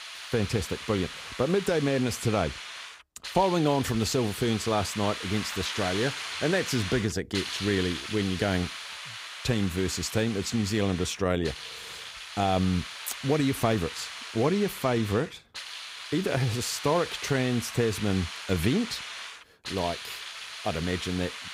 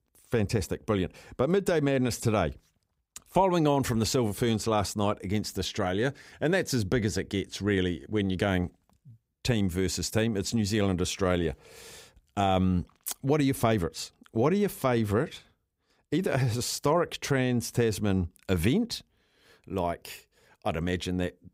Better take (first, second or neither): second